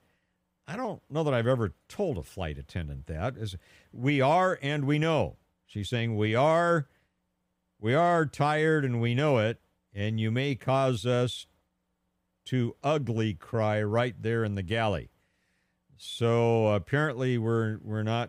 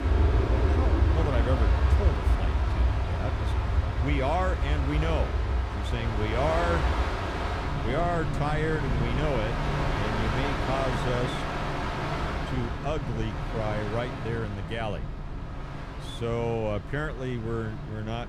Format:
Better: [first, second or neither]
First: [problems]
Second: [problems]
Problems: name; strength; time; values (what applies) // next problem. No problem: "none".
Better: first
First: none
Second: train or aircraft noise; very loud; throughout; 3 dB above the speech